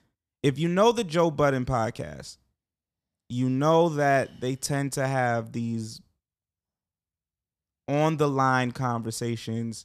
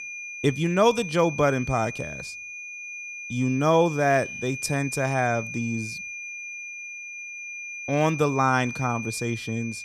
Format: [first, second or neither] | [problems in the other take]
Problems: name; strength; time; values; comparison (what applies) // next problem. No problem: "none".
first | high-pitched whine; loud; throughout; 2.5 kHz, 9 dB below the speech